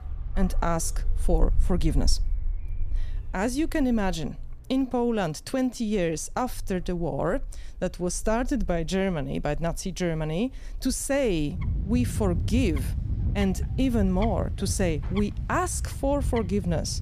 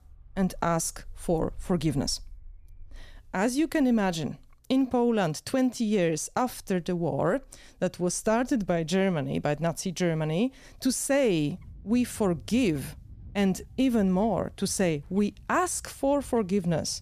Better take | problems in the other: second | animal sounds; loud; throughout; 5 dB below the speech; faint in the second

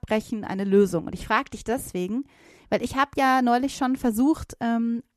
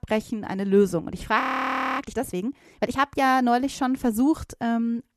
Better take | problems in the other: first | audio freezing; at 1.5 s for 0.5 s

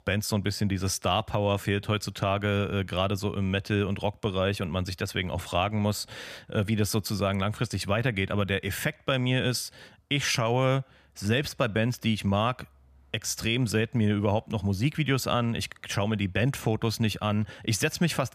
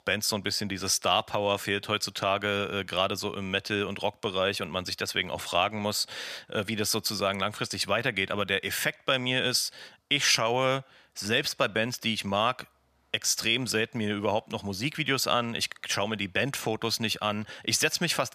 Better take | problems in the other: first | thin; somewhat; fading below 500 Hz

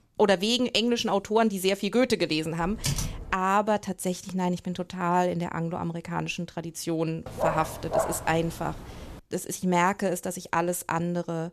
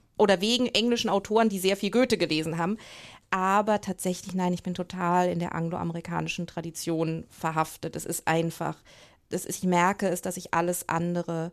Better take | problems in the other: second | keyboard typing; noticeable; at 2.5 s; peak 2 dB below the speech // dog barking; noticeable; from 7.5 to 9 s; peak 1 dB below the speech

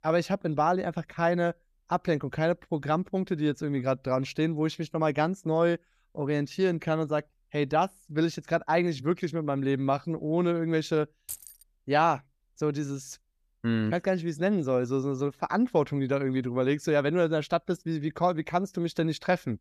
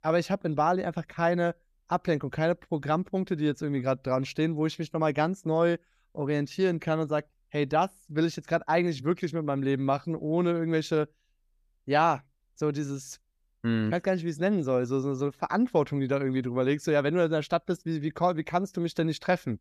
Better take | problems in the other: second | jangling keys; faint; at 11 s; peak 10 dB below the speech

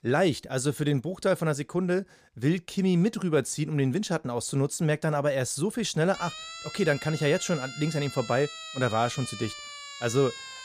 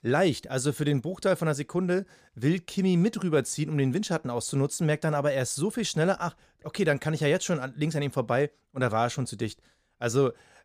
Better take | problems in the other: second | siren; faint; from 6 s on; peak 10 dB below the speech

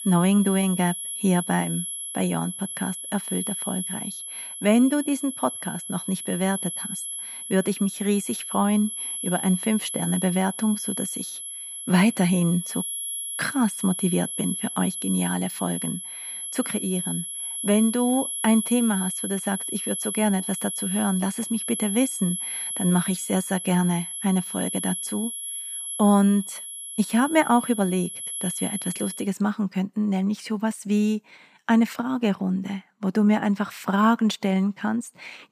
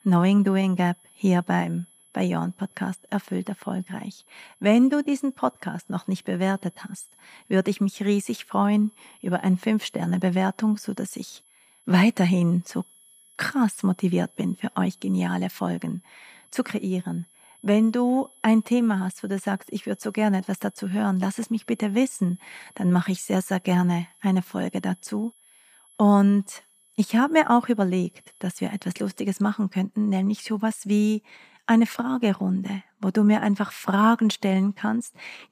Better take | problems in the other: second | high-pitched whine; loud; until 29 s; 11 kHz, 5 dB below the speech; faint in the second

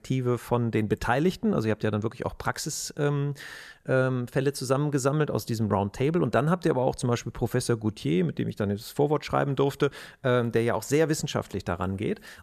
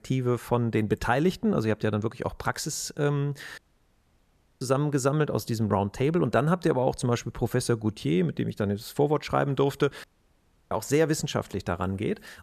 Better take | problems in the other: first | audio cutting out; at 3.5 s for 1 s and at 10 s for 0.5 s

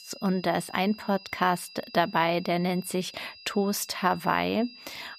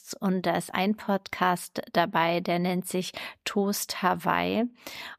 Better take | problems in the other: second | high-pitched whine; noticeable; throughout; 5 kHz, 20 dB below the speech

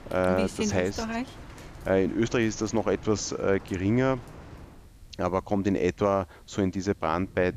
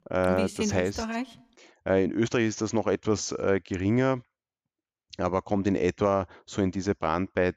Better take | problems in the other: second | rain or running water; noticeable; throughout; 20 dB below the speech

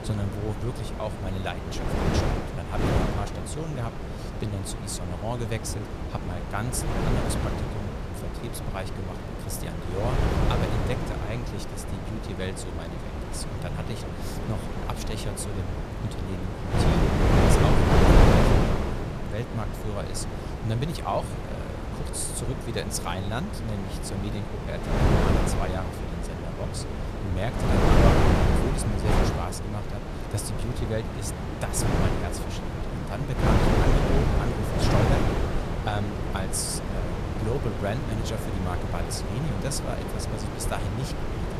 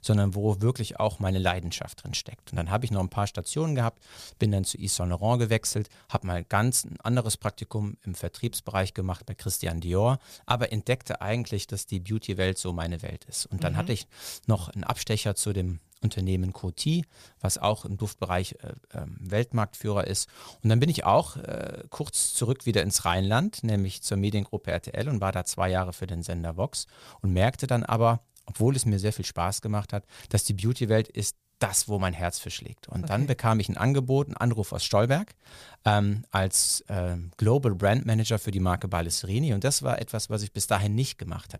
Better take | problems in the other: second | wind noise on the microphone; heavy; 4 dB above the speech

